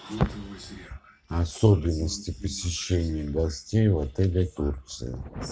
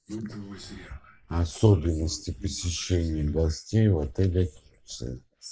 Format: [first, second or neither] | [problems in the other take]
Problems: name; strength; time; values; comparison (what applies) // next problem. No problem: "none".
first | noise reduction (neural mask model Resemble Enhance denoiser)